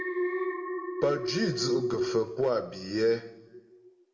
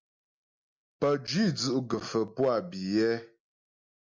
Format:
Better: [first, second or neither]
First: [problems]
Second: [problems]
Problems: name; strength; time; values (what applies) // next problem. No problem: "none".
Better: second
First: background sound (Alarm); 3 dB below the speech // room echo; dies away in 0.8 s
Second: none